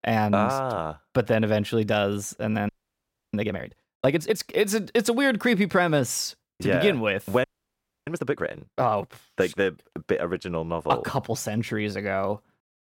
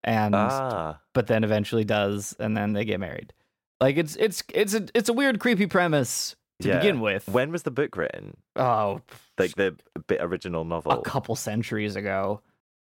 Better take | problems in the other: second | audio freezing; at 2.5 s for 0.5 s and at 7.5 s for 0.5 s

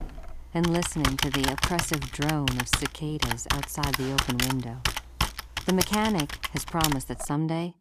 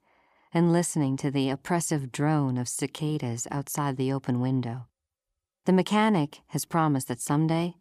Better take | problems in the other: second | keyboard typing; loud; until 7.5 s; peak 4 dB above the speech

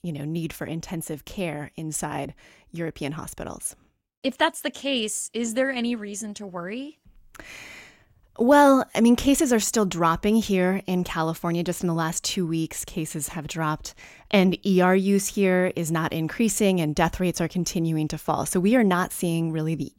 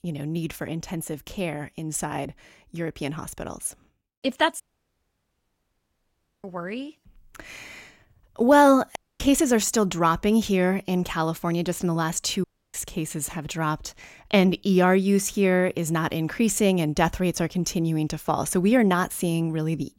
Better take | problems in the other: first | audio cutting out; at 4.5 s for 2 s, at 9 s and at 12 s

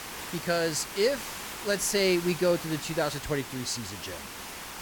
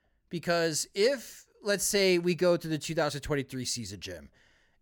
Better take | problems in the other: second | hiss; loud; throughout; 9 dB below the speech

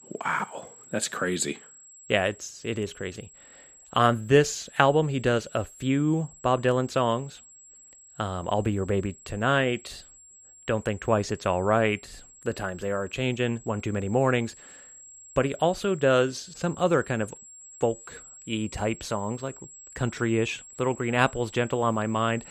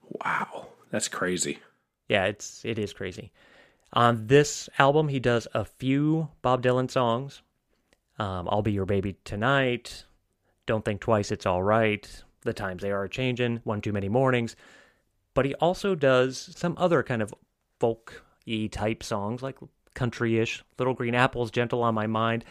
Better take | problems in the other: second | high-pitched whine; faint; throughout; 7.5 kHz, 20 dB below the speech

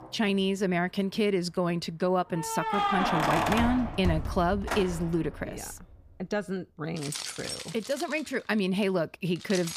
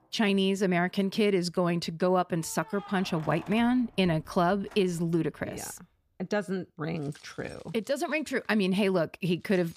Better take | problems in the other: second | household noises; loud; throughout; 2 dB below the speech; faint in the second

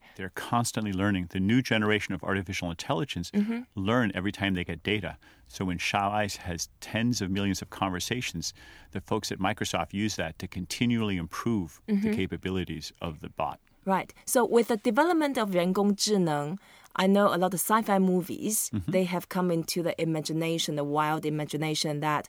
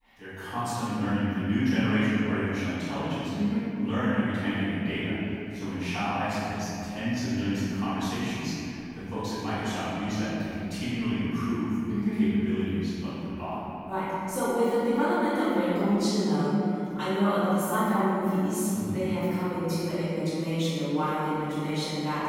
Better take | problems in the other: first | off-mic speech; far // room echo; strong; dies away in 3 s

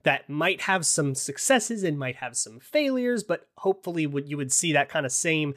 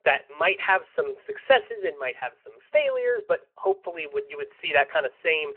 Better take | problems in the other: first | phone-call audio

